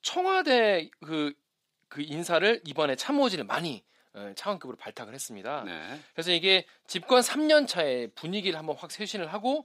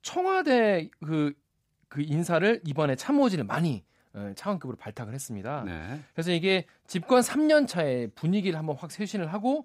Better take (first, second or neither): second